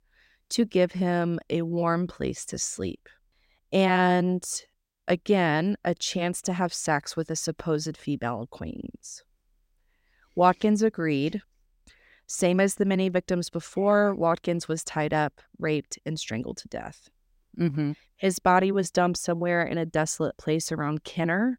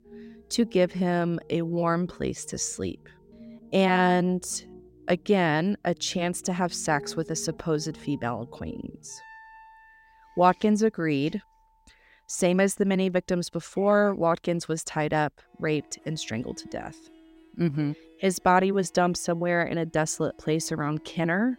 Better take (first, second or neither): first